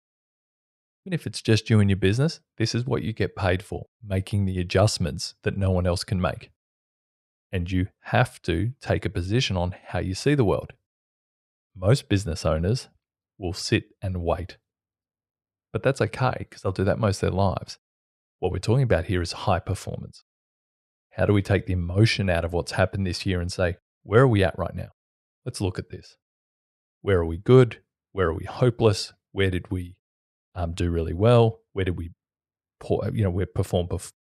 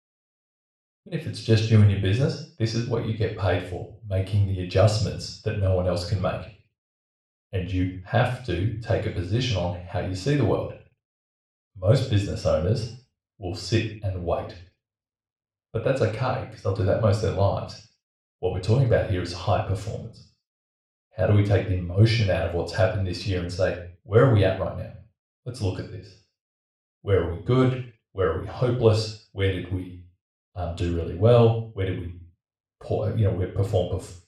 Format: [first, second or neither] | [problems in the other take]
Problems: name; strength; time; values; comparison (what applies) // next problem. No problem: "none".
first | room echo; noticeable; dies away in 0.4 s // off-mic speech; far